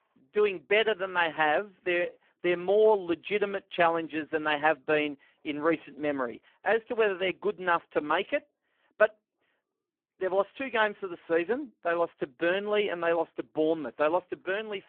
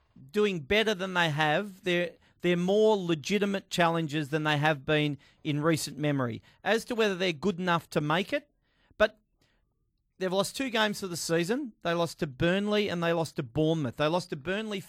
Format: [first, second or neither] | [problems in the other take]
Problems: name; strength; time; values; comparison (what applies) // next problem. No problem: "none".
second | phone-call audio; poor line